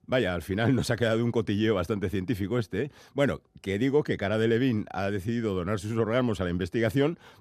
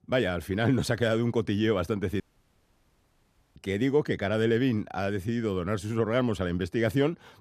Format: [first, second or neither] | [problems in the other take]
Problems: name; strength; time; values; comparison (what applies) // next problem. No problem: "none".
first | audio cutting out; at 2 s for 1.5 s